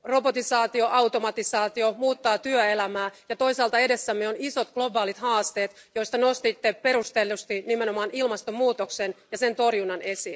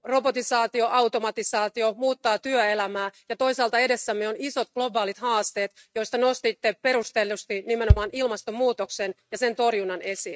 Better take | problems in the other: first | noise reduction (neural mask model RNNoise)

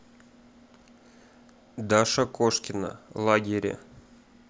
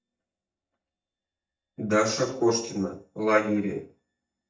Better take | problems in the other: first | noise reduction (neural mask model DeepFilterNet 3)

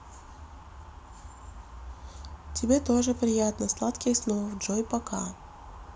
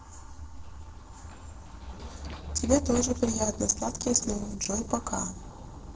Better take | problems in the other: first | noise reduction (neural separator model SepFormer DNS4)

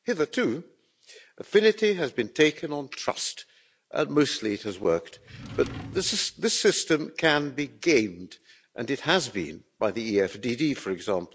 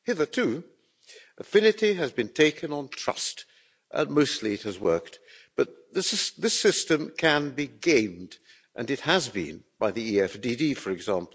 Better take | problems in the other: second | background sound (Drawer open or close); 14 dB below the speech

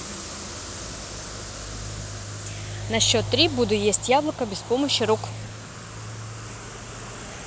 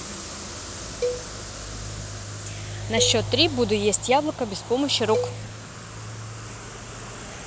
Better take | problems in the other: first | background sound (Cowbell); 8 dB below the speech

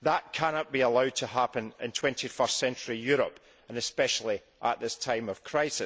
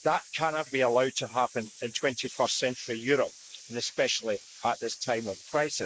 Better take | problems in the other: first | noise reduction (neural mask model Resemble Enhance denoiser)

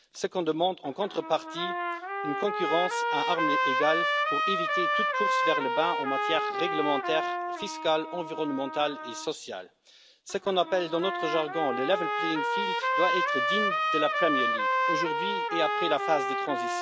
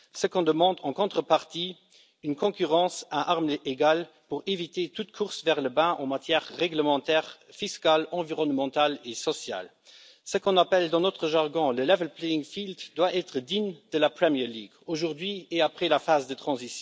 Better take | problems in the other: second | background sound (Trumpet); 1 dB above the speech

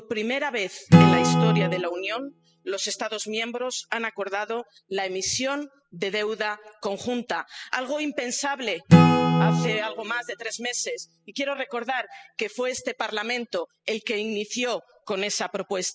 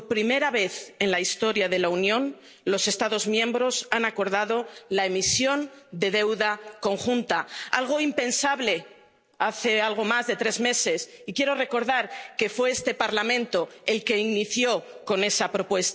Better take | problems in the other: second | noise reduction (classical method spectral subtraction)

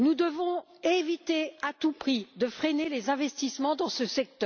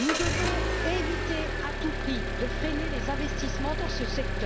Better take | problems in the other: first | background sound (Engine); 4 dB above the speech

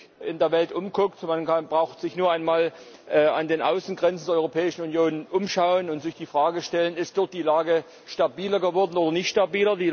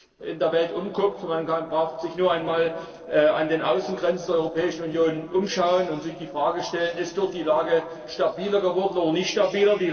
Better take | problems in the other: first | noise reduction (neural separator model SepFormer DNS4)

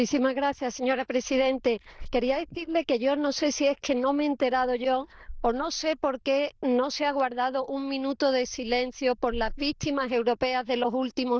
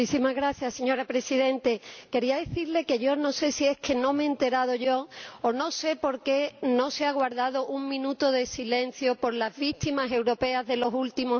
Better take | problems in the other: second | noise reduction (neural diffusion model UNIVERSE++)

